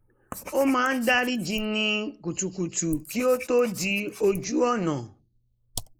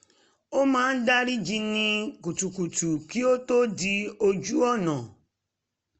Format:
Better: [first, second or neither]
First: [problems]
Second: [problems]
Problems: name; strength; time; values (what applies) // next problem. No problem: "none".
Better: second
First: noise reduction (neural mask model Resemble Enhance denoiser)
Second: none